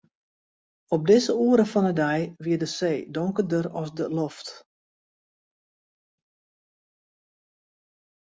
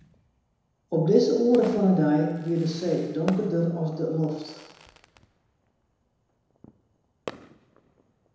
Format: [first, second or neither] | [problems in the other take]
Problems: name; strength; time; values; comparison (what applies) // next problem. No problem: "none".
first | background sound (Fireworks); 19 dB below the speech // room echo; dies away in 1 s